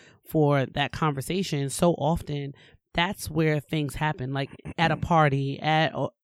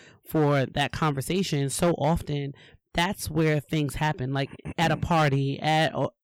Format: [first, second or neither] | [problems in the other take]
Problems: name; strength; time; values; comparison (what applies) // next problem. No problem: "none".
first | distortion; slight; 5% of the sound clipped